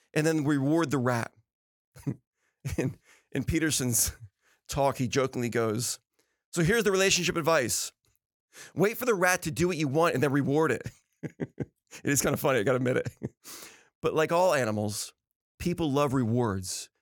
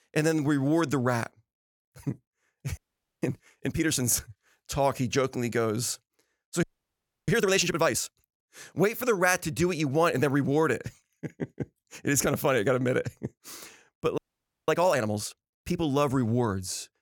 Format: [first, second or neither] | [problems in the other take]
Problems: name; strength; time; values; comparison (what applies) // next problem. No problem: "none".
first | audio freezing; at 3 s, at 6.5 s for 0.5 s and at 14 s for 0.5 s